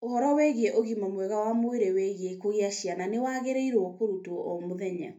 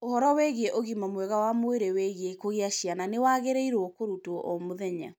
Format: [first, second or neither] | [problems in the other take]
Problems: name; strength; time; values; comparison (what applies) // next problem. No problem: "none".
second | room echo; dies away in 0.3 s